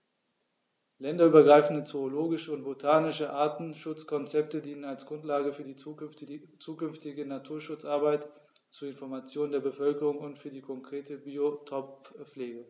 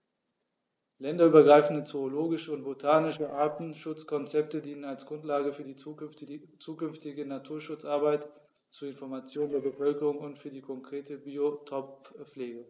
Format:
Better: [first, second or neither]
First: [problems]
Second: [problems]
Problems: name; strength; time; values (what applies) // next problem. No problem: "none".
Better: first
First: none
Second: noise reduction (neural separator model SepFormer DNS4)